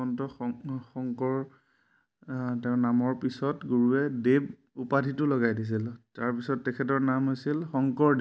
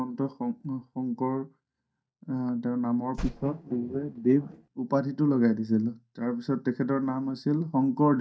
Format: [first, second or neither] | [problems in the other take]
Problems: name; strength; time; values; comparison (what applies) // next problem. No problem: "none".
first | noise reduction (neural mask model DeepFilterNet 3)